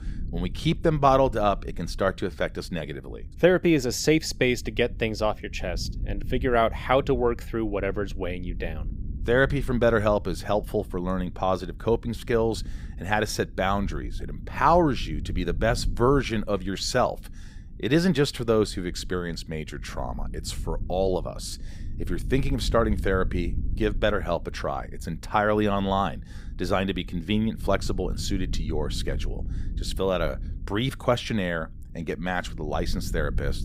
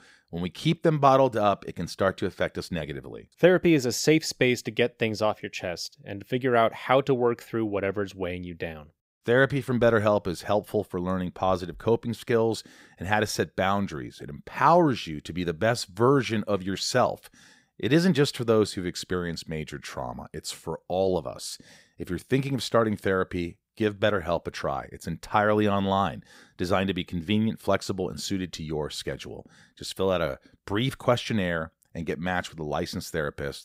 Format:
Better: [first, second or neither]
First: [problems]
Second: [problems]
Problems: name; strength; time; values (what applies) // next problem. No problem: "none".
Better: second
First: low rumble; faint; throughout; 25 dB below the speech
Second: none